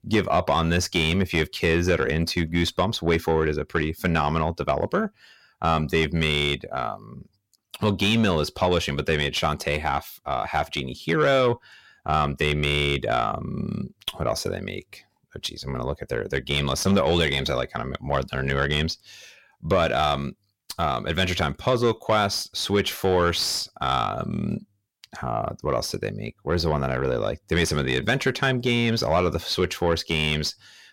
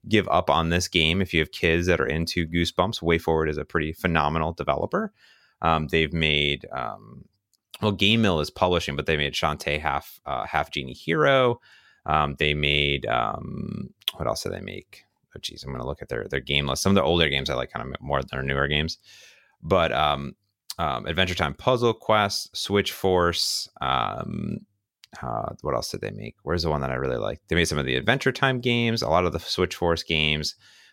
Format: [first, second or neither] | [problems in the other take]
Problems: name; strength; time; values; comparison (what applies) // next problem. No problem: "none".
second | distortion; slight; 10 dB below the speech